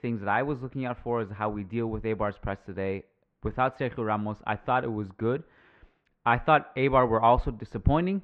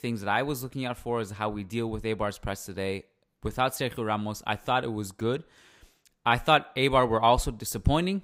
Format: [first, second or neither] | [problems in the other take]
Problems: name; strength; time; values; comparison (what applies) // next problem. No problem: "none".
second | muffled; very; fading above 2 kHz